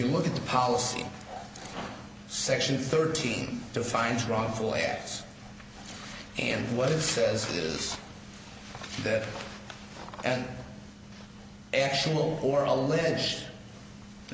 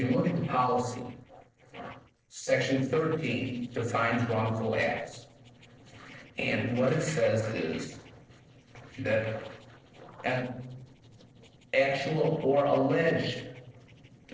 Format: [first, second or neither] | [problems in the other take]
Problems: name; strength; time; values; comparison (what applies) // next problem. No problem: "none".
first | noise reduction (neural separator model SepFormer DNS4)